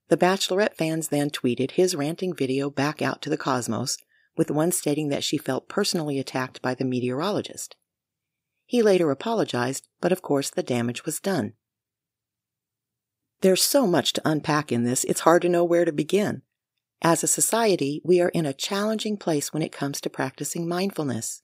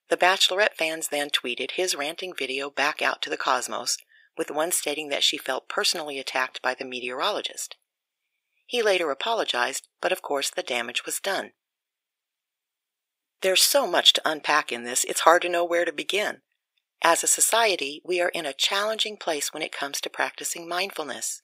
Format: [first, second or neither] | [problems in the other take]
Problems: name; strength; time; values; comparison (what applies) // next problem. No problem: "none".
first | thin; very; fading below 700 Hz